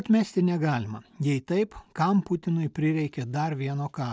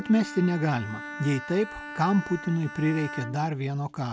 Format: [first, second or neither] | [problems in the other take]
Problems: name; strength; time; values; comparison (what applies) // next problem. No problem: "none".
first | background sound (Bowed string instrument); 13 dB below the speech